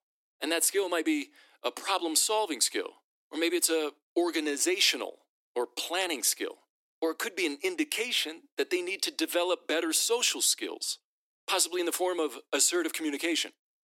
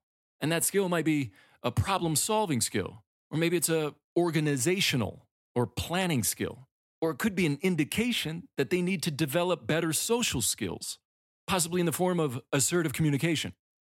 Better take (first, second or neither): second